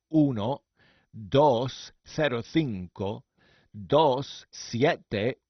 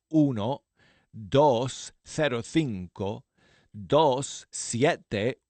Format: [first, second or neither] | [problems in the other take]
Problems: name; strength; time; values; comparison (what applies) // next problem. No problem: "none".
second | garbled, watery; badly; nothing above 6 kHz; slightly in the second